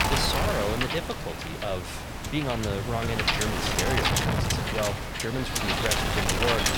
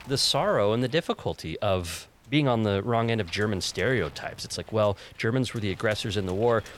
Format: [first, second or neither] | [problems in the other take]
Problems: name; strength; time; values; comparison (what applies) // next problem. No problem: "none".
second | wind noise on the microphone; heavy; 5 dB above the speech; occasional gusts in the second